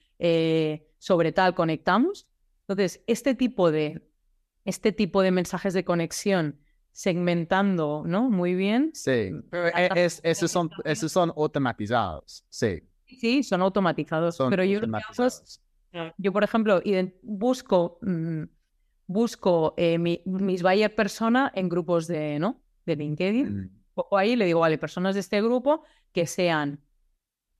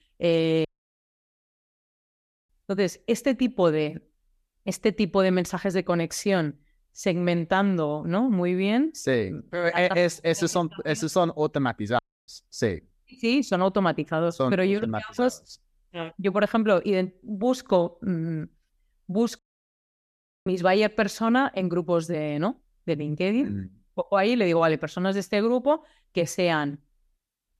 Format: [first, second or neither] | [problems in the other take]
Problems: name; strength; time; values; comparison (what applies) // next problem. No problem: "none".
first | audio cutting out; at 0.5 s for 2 s, at 12 s and at 19 s for 1 s